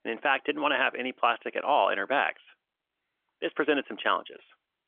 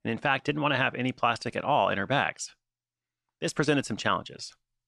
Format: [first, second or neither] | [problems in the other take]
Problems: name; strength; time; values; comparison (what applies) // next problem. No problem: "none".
second | phone-call audio; nothing above 3.5 kHz